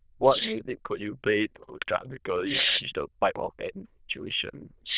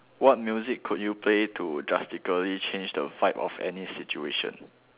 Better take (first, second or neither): second